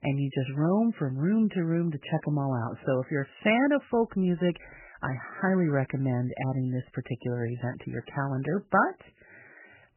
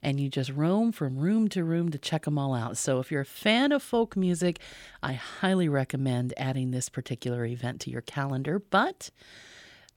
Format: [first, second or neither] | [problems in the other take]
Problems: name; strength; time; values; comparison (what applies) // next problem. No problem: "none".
second | garbled, watery; badly; nothing above 3 kHz